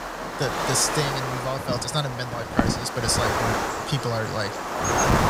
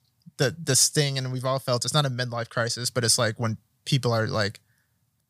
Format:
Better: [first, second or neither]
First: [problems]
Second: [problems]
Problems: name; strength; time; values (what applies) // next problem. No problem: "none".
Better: second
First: wind noise on the microphone; heavy; 2 dB above the speech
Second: none